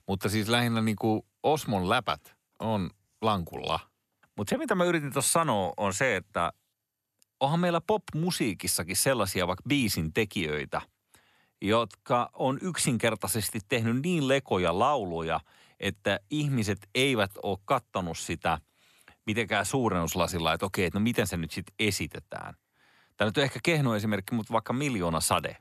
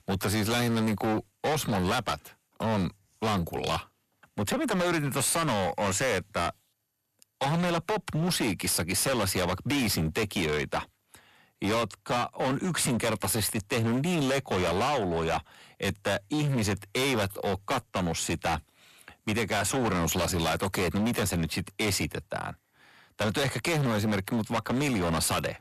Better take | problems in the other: first | distortion; heavy; 26% of the sound clipped

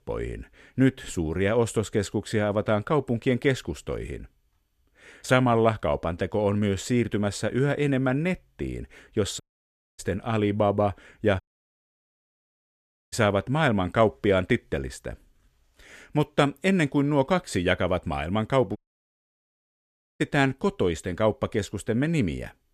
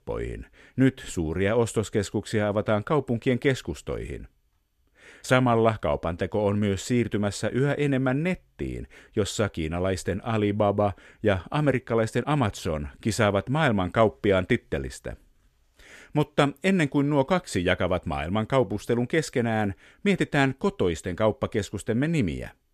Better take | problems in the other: second | audio cutting out; at 9.5 s for 0.5 s, at 11 s for 1.5 s and at 19 s for 1.5 s

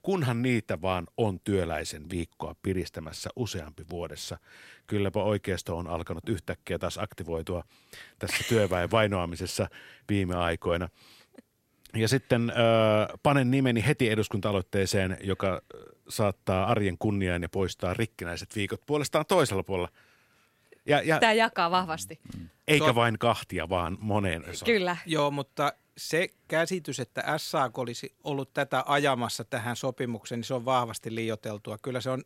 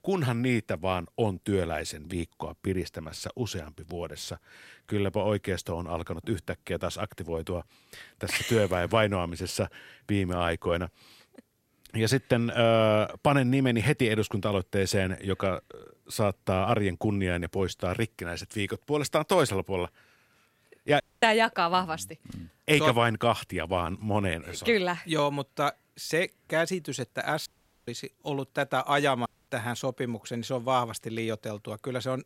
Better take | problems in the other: first | audio cutting out; at 21 s, at 27 s and at 29 s

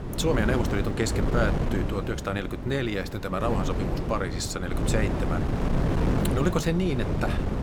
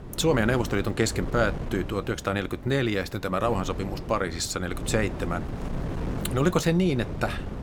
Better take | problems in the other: second | wind noise on the microphone; heavy; 4 dB below the speech; occasional gusts in the second

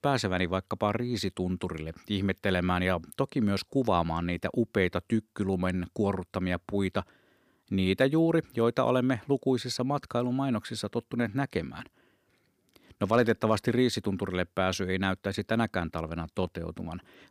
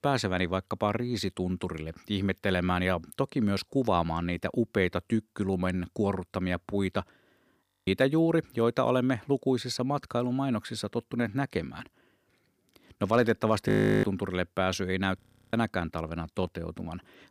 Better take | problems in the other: first | audio freezing; at 7.5 s, at 14 s and at 15 s

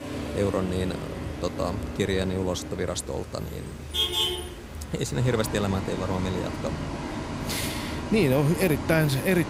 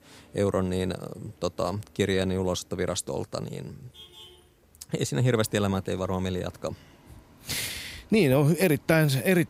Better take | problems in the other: second | traffic noise; loud; throughout; 5 dB below the speech; faint in the second

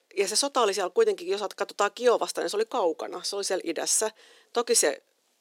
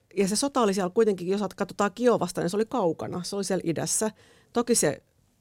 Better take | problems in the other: second | thin; somewhat; fading below 350 Hz

